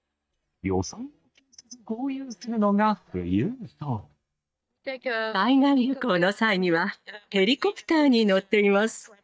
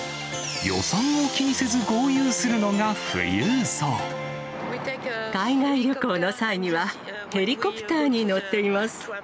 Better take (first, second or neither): second